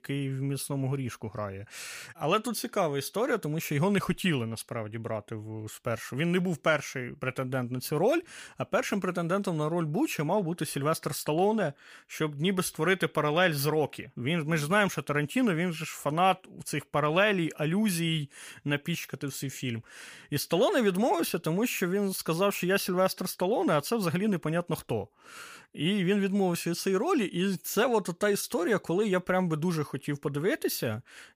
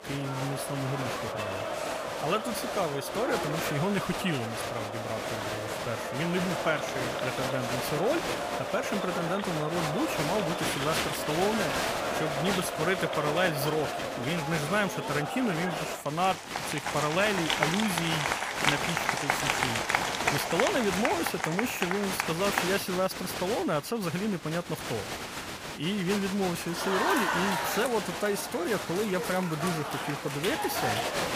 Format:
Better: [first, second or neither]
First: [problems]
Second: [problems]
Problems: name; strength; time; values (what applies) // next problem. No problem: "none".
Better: first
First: none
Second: crowd noise; very loud; throughout; as loud as the speech